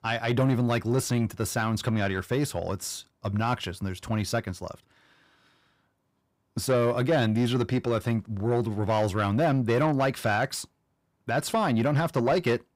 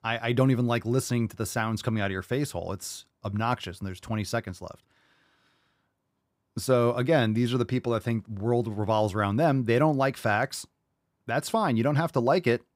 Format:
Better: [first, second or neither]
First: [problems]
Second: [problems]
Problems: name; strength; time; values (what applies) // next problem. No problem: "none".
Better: second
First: distortion; slight; 10 dB below the speech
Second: none